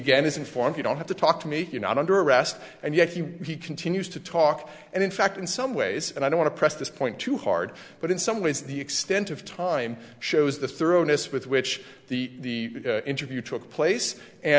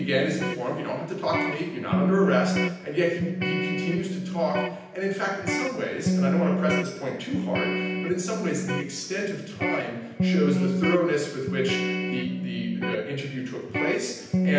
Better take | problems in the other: first | background sound (Electric guitar); as loud as the speech // room echo; dies away in 0.9 s

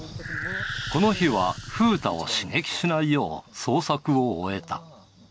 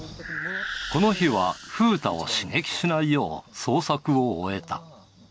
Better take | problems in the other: second | background sound (Gunshot, gunfire); 15 dB below the speech

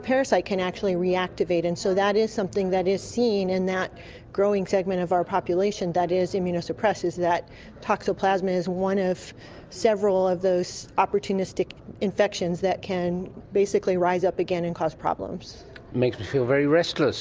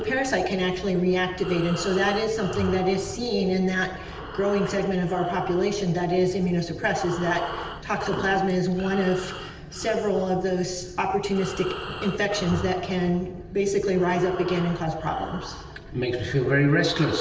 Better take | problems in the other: first | background sound (Breathing); 14 dB below the speech // room echo; dies away in 0.8 s

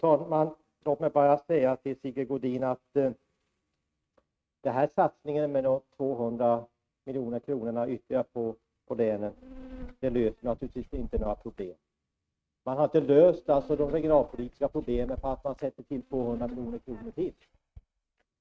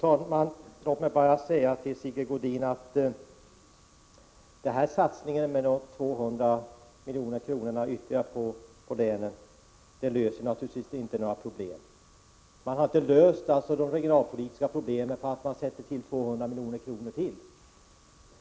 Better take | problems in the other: second | noise reduction (neural mask model RNNoise)

